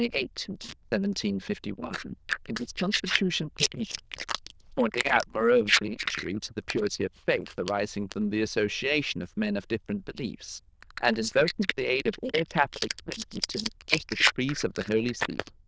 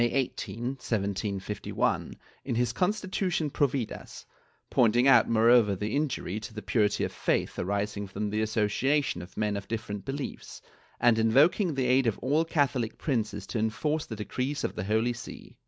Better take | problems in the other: second | noise reduction (neural diffusion model UNIVERSE++)

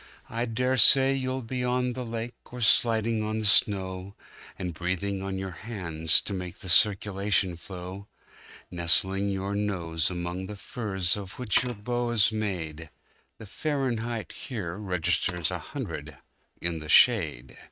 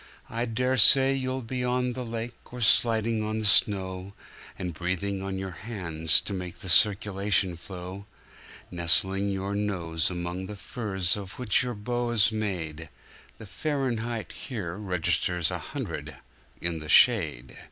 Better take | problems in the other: second | noise reduction (neural mask model RNNoise)

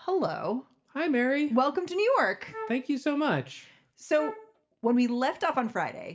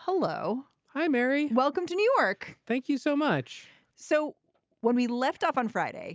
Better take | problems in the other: second | background sound (Wind instrument, woodwind instrument); 13 dB below the speech // room echo; dies away in 0.3 s

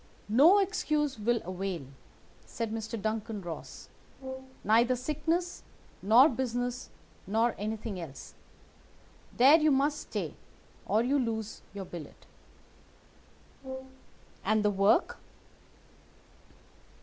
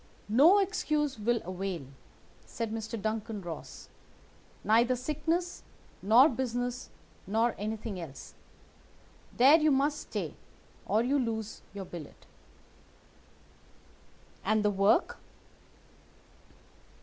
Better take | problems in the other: second | background sound (Brass instrument); 14 dB below the speech

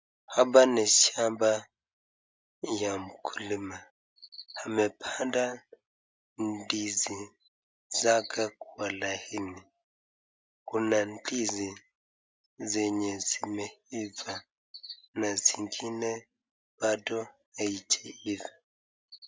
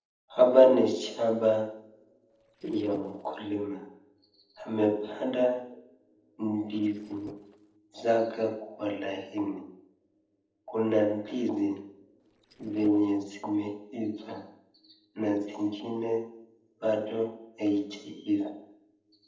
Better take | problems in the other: first | noise reduction (neural separator model SepFormer DNS4)

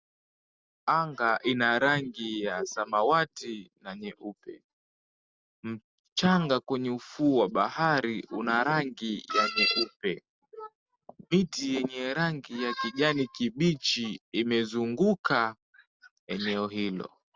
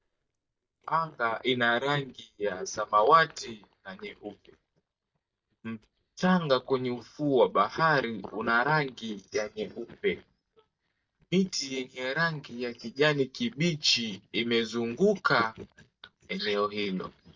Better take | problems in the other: first | noise reduction (neural mask model DeepFilterNet 3)

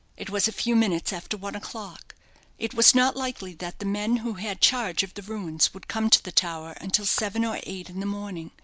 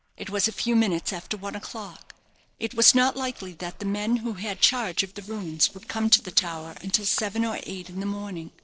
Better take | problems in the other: first | noise reduction (neural separator model SepFormer DNS4)

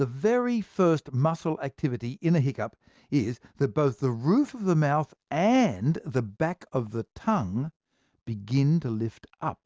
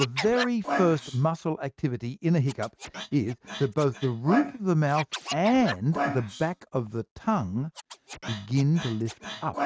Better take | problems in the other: first | noise reduction (neural mask model RNNoise)

